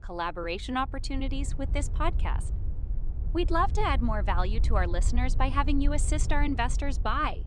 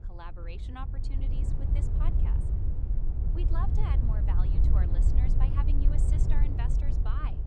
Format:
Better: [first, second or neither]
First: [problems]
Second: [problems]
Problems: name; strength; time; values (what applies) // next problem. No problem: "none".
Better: first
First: wind noise on the microphone; occasional gusts; 20 dB below the speech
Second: wind noise on the microphone; heavy; as loud as the speech